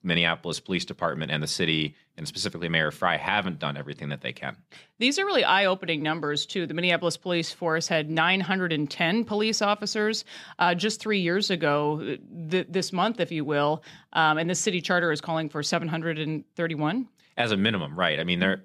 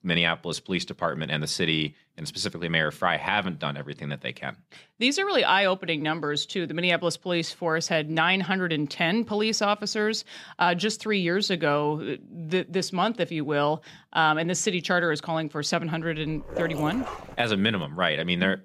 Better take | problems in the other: first | dog barking; noticeable; from 16 to 17 s; peak 8 dB below the speech

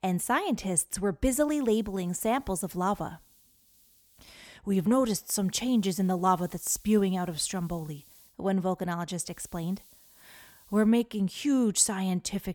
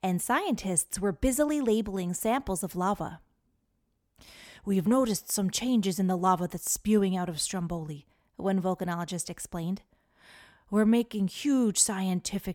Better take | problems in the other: second | hiss; faint; from 1.5 to 4.5 s, from 5.5 to 8.5 s and from 9.5 to 11 s; 25 dB below the speech

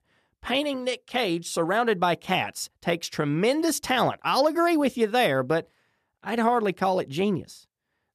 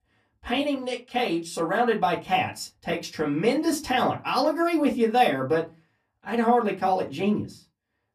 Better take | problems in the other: first | off-mic speech; far // room echo; very slight; dies away in 0.2 s

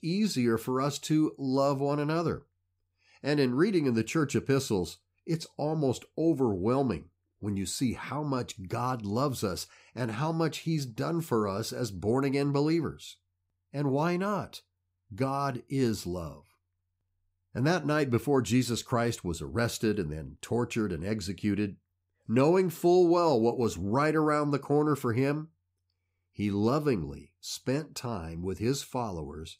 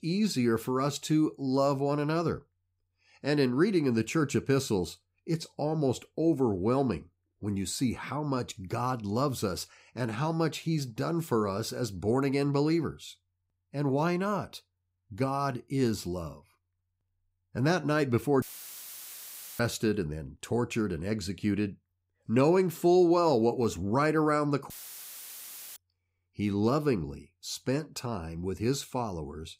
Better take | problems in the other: first | audio cutting out; filled with static; at 18 s for 1 s and at 25 s for 1 s

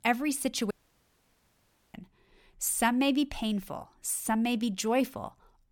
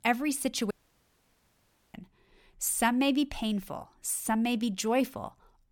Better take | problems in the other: neither | audio cutting out; at 0.5 s for 1 s; the same in both

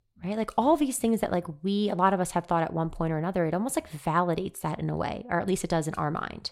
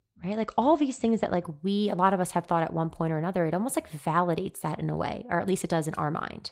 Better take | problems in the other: first | garbled, watery; slightly; nothing above 16 kHz

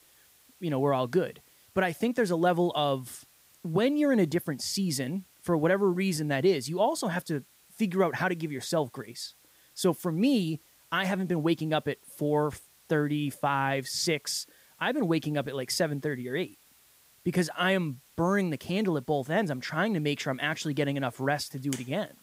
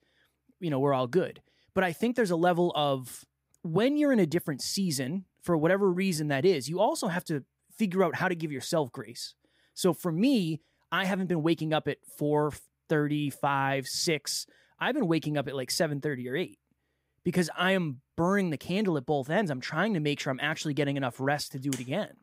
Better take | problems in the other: second | hiss; faint; throughout; 30 dB below the speech

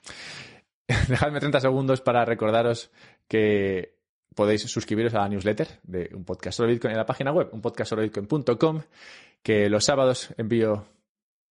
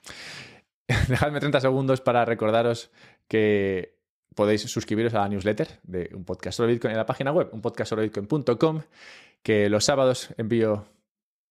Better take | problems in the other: second | garbled, watery; slightly; nothing above 10.5 kHz

